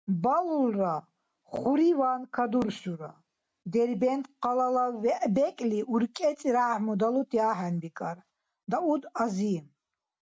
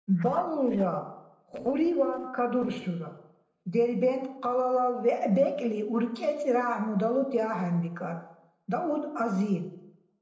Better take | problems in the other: first | noise reduction (neural separator model SepFormer DNS4)

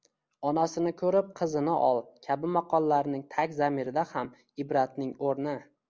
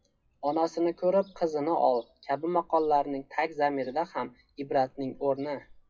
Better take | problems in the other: first | noise reduction (classical method WPE with log-MMSE)

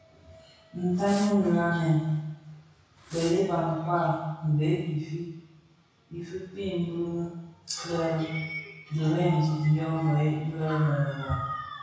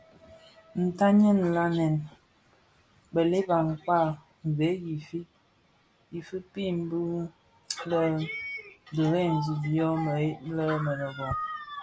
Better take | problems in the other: second | background sound (Fireworks); 19 dB below the speech // room echo; dies away in 1.1 s

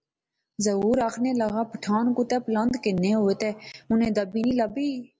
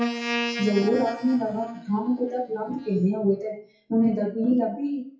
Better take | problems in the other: first | noise reduction (classical method WPE with log-MMSE)

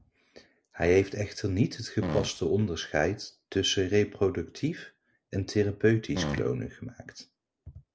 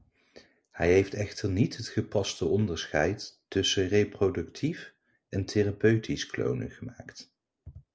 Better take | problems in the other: second | background sound (Fart); 4 dB below the speech

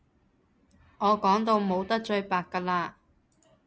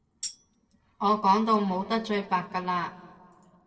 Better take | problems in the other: first | noise reduction (neural separator model SepFormer DNS4)

